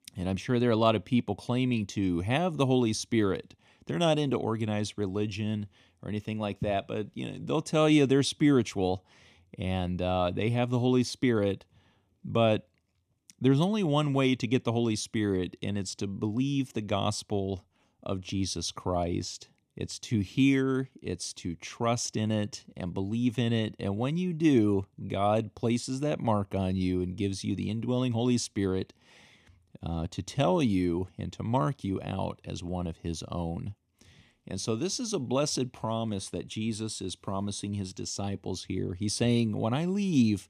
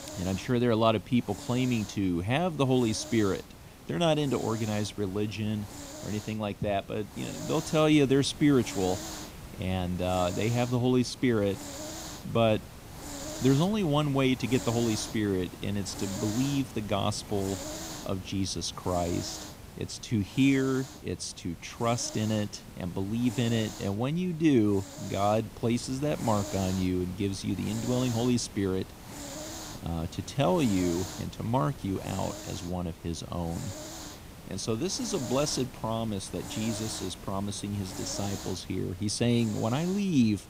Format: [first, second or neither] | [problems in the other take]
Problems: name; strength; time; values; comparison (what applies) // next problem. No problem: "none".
first | hiss; noticeable; throughout; 10 dB below the speech